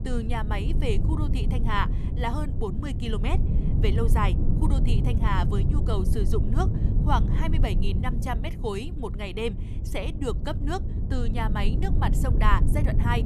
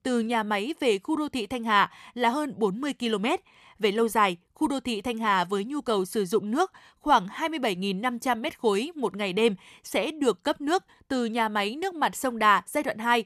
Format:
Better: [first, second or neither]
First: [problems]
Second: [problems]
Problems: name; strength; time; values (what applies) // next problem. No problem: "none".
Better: second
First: low rumble; loud; throughout; 8 dB below the speech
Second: none